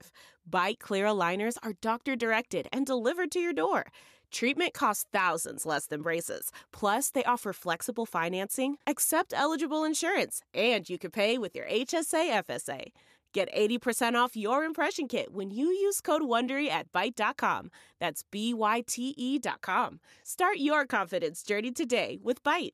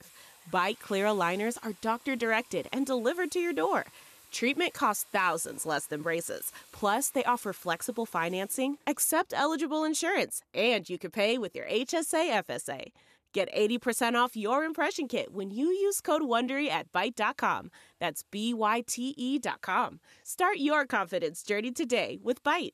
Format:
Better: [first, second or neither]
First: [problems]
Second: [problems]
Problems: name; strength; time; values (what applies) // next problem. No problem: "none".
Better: first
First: none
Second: household noises; faint; throughout; 25 dB below the speech